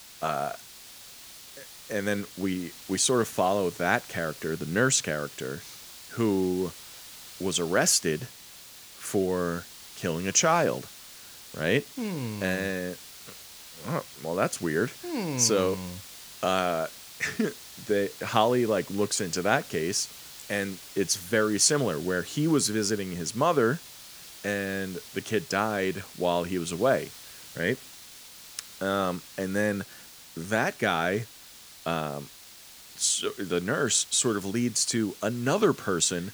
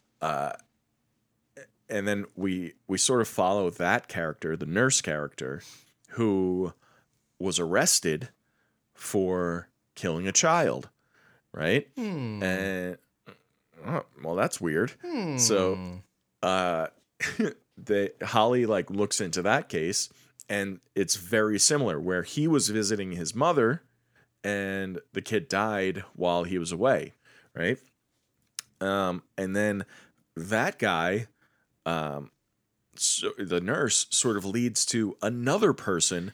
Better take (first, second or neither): second